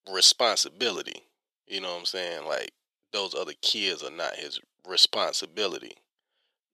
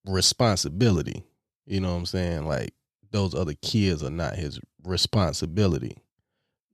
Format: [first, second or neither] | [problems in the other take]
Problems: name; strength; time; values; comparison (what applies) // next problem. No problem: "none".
second | thin; very; fading below 450 Hz